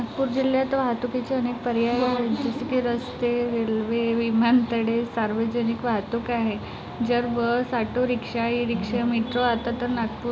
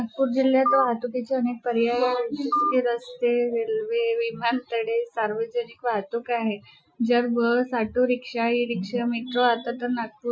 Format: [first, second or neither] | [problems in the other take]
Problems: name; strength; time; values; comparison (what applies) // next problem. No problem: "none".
first | noise reduction (classical method Wiener filter)